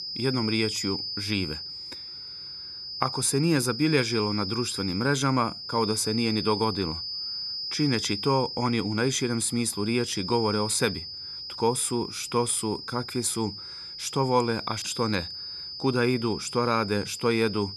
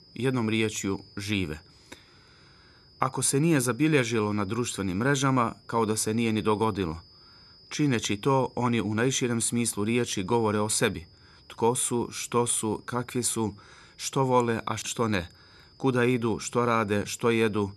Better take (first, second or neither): second